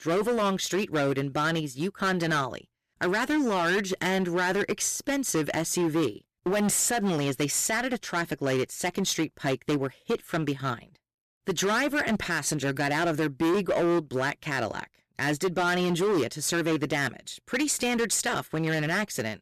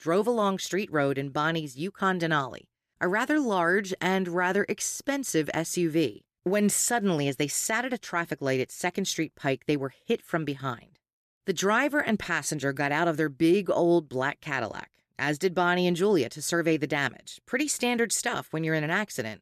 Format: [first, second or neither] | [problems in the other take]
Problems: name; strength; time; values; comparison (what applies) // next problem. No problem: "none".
second | distortion; heavy; 15% of the sound clipped